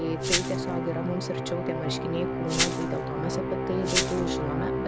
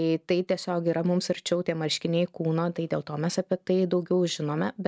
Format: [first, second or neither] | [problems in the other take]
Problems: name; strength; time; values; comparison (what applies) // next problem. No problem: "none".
second | background sound (Glass + Musical instrument); 3 dB above the speech